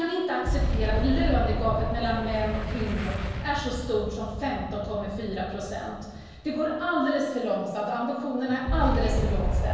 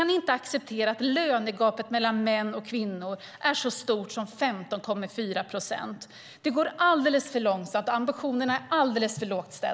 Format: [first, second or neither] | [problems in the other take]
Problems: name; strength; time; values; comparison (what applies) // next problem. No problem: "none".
second | background sound (Boom); 1 dB below the speech // room echo; dies away in 1.2 s